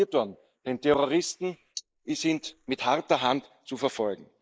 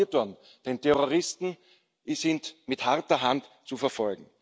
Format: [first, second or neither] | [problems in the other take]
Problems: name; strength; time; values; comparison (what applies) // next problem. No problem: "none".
second | noise reduction (neural mask model Resemble Enhance denoiser)